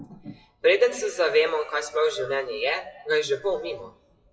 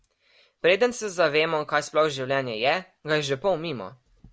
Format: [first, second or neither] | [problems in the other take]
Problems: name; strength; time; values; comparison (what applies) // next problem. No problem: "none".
second | noise reduction (classical method WPE with log-MMSE)